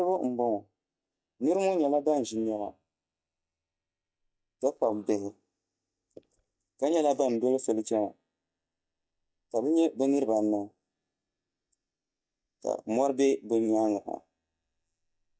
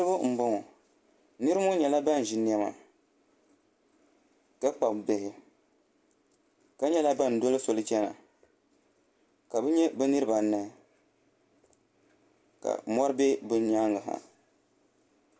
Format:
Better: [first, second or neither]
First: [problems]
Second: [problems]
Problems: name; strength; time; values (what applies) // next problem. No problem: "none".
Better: second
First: noise reduction (neural mask model DeepFilterNet 3)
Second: none